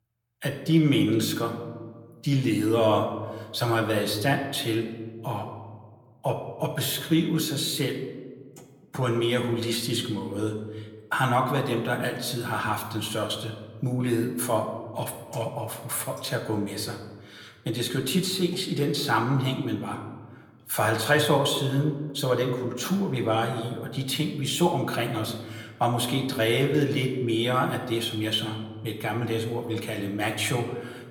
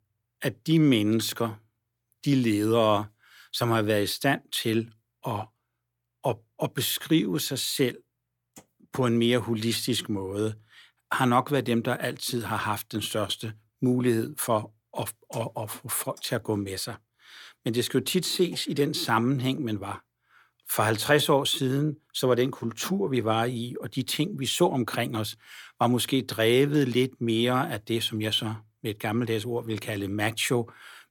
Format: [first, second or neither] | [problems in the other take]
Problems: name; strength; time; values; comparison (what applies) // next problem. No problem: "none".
second | room echo; slight; dies away in 1 s // off-mic speech; somewhat distant